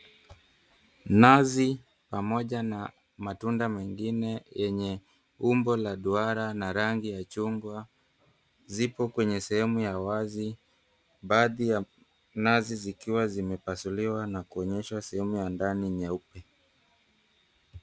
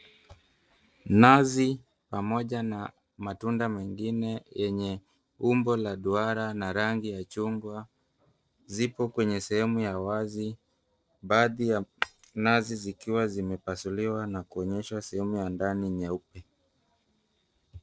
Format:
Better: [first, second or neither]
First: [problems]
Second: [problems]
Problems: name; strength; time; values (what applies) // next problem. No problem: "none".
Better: first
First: none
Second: noise reduction (neural separator model SepFormer DNS4)